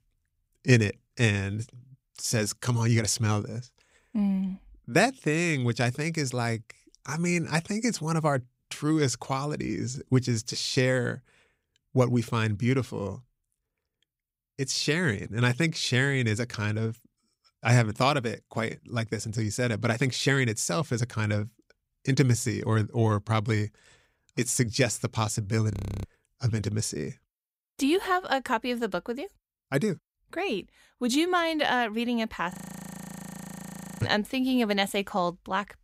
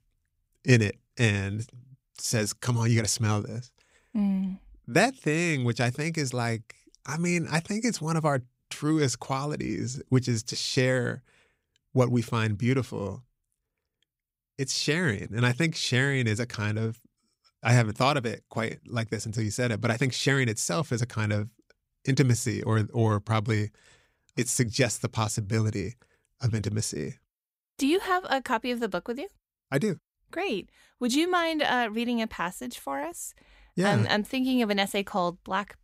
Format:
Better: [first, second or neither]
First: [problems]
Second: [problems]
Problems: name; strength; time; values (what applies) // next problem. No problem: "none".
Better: second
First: audio freezing; at 26 s and at 33 s for 1.5 s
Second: none